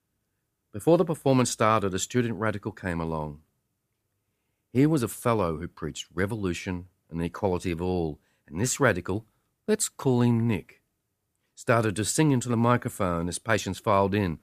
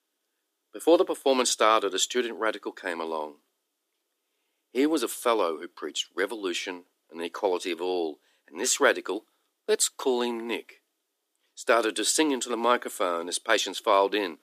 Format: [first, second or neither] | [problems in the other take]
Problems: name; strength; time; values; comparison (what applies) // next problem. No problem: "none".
first | thin; somewhat; fading below 300 Hz